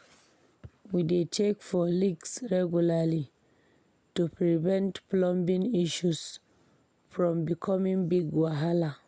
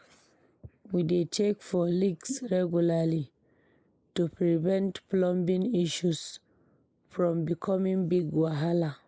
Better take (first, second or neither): first